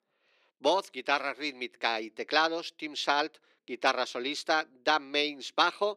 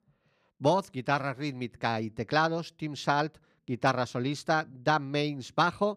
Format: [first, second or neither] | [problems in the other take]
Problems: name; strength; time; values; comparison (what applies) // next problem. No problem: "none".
second | thin; somewhat; fading below 350 Hz